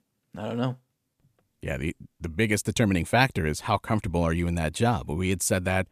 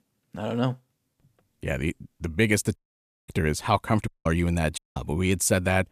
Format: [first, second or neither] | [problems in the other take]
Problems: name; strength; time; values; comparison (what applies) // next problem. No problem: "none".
first | audio cutting out; at 3 s for 0.5 s, at 4 s and at 5 s